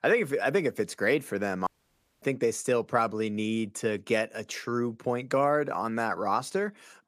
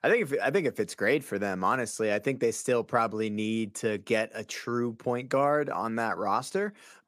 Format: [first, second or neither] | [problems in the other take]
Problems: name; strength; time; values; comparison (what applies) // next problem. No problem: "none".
second | audio cutting out; at 1.5 s for 0.5 s